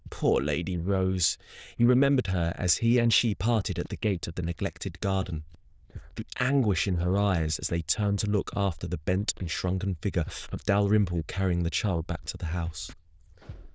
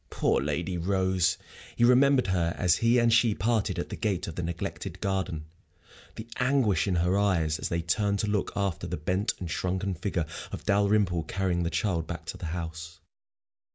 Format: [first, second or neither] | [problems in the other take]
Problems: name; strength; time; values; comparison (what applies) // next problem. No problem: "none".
second | noise reduction (neural diffusion model UNIVERSE++)